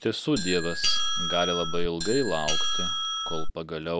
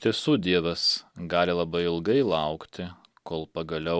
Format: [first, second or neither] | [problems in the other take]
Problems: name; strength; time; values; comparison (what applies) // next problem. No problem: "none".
second | background sound (Doorbell); 2 dB above the speech